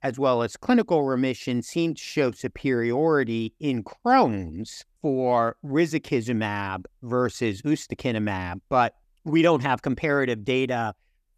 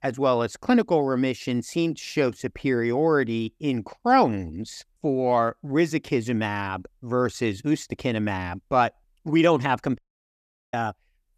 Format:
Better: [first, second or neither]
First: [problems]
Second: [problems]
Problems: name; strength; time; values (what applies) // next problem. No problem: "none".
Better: first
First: none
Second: audio cutting out; at 10 s for 1 s